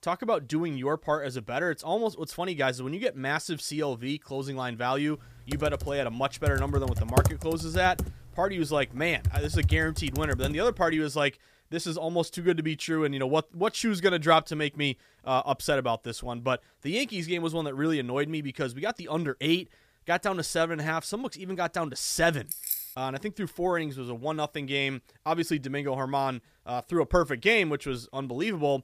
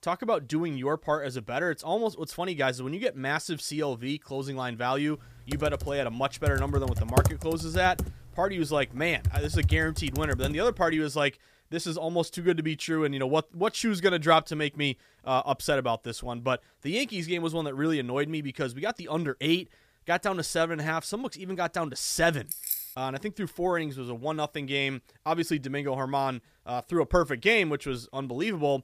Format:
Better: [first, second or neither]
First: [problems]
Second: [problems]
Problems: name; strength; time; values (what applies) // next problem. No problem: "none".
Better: neither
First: keyboard typing; loud; from 5.5 to 10 s; peak 3 dB above the speech // jangling keys; noticeable; at 22 s; peak 2 dB below the speech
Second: keyboard typing; loud; from 5.5 to 10 s; peak 3 dB above the speech // jangling keys; noticeable; at 22 s; peak 2 dB below the speech